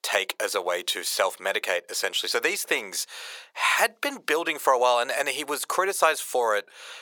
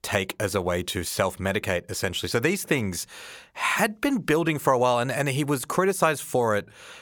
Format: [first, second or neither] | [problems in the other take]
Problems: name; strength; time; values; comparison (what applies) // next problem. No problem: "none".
second | thin; very; fading below 500 Hz